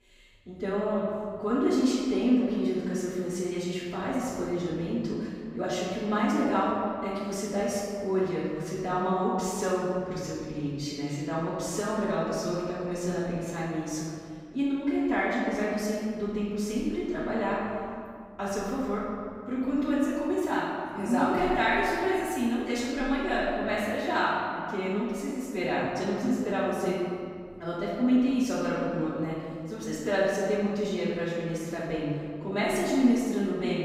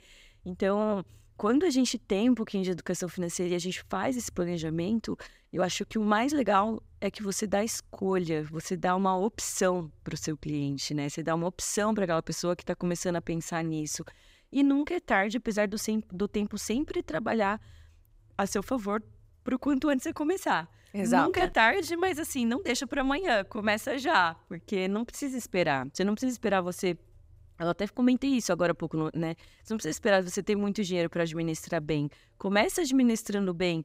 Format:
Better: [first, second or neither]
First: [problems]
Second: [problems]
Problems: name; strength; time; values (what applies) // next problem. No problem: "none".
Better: second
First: off-mic speech; far // room echo; strong; dies away in 2 s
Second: none